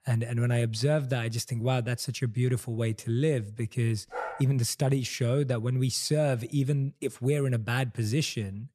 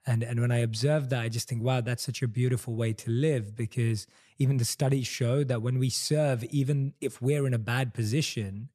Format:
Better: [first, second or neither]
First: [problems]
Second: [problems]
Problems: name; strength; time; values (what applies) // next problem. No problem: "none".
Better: second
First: dog barking; noticeable; at 4 s; peak 8 dB below the speech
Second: none